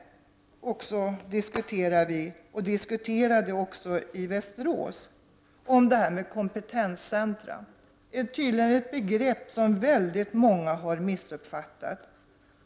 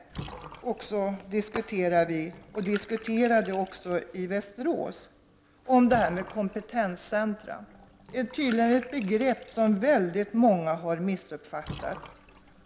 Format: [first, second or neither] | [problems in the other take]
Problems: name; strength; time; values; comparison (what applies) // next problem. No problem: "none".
first | background sound (Bathtub (filling or washing) / Water); 19 dB below the speech